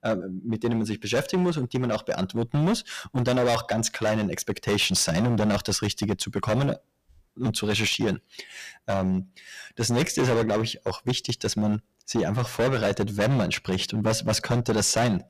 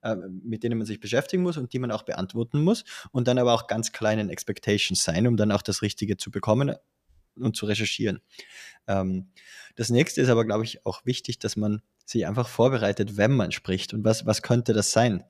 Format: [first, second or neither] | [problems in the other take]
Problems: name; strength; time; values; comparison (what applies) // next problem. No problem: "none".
second | distortion; heavy; 13% of the sound clipped